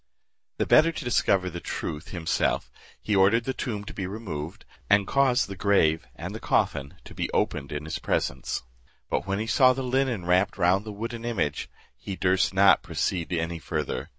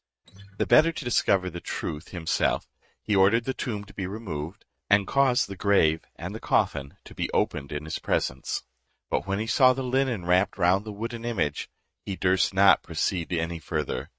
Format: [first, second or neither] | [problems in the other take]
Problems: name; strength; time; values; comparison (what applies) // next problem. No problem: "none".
first | noise reduction (neural mask model RNNoise)